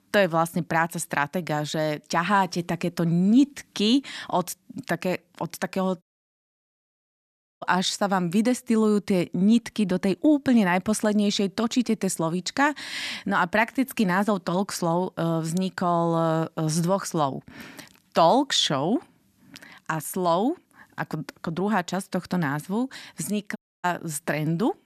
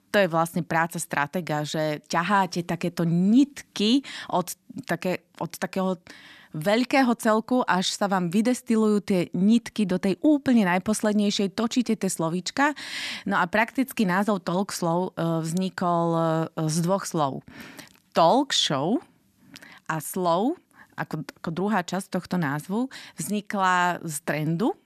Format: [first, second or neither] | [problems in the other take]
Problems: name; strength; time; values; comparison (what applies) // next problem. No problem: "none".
second | audio cutting out; at 6 s for 1.5 s and at 24 s